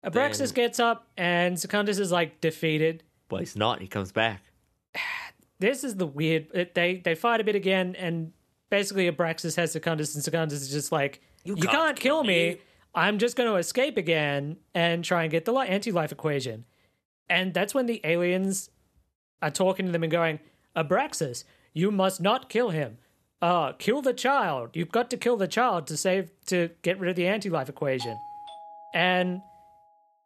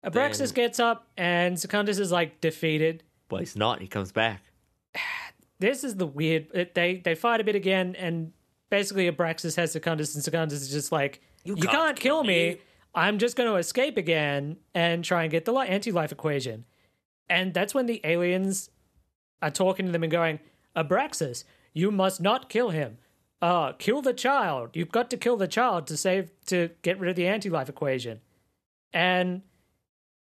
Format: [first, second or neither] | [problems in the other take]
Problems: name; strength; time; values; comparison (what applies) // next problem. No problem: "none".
second | doorbell; faint; from 28 to 30 s; peak 10 dB below the speech